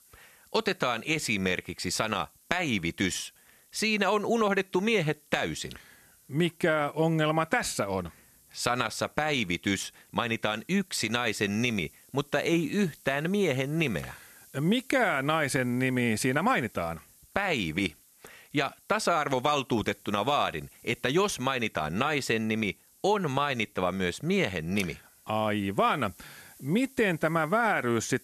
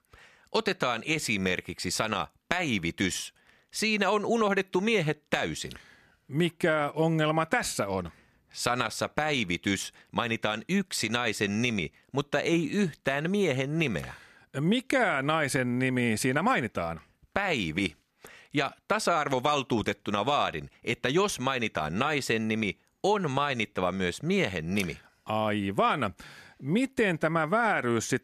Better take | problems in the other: second | hiss; faint; throughout; 25 dB below the speech

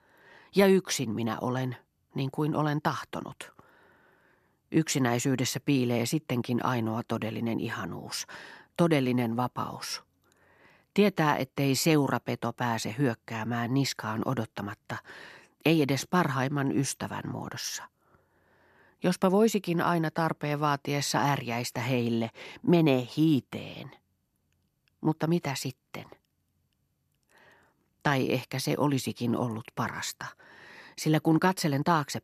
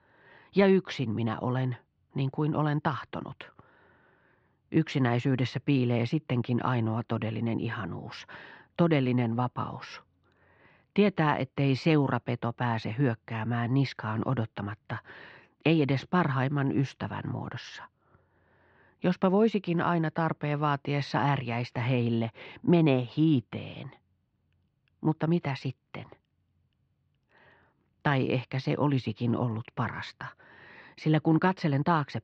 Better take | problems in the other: first | muffled; slightly; fading above 3.5 kHz

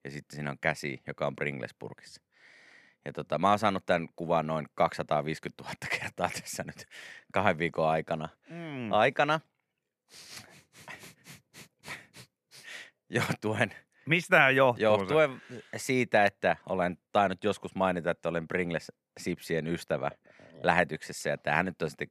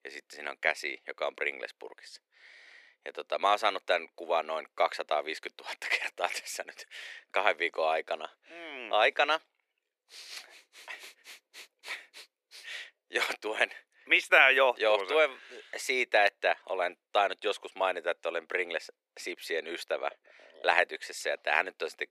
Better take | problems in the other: first | thin; very; fading below 350 Hz

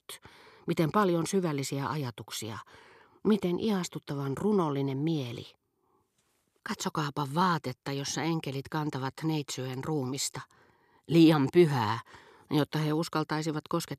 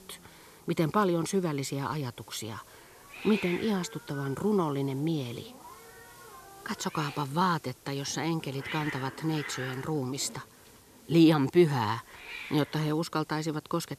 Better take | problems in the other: first | hiss; noticeable; throughout; 15 dB below the speech

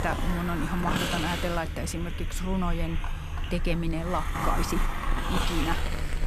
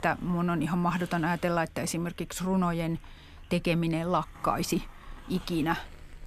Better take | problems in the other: second | hiss; loud; throughout; as loud as the speech; faint in the second

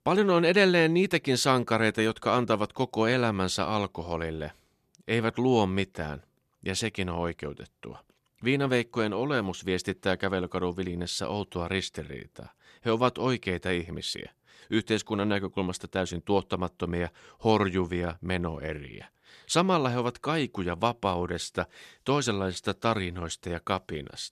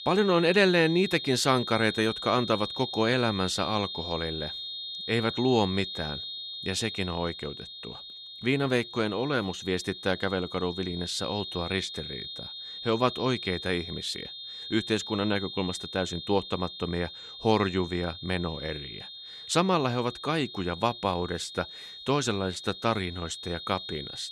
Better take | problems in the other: first | high-pitched whine; loud; throughout; 3.5 kHz, 8 dB below the speech

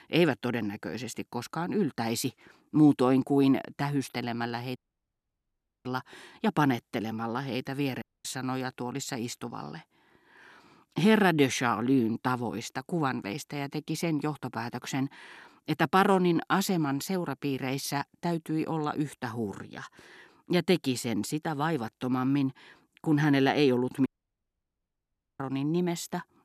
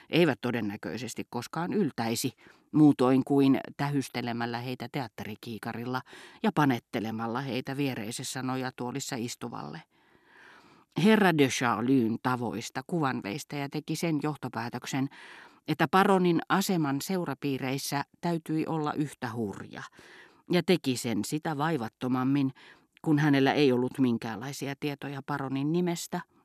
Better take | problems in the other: second | audio cutting out; at 5 s for 1 s, at 8 s and at 24 s for 1.5 s

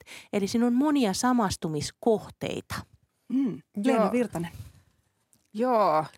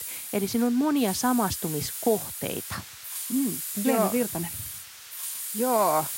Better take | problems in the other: first | hiss; loud; throughout; 6 dB below the speech

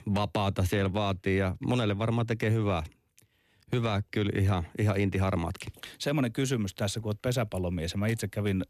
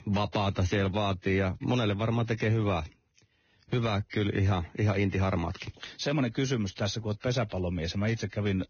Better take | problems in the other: first | garbled, watery; badly; nothing above 6.5 kHz

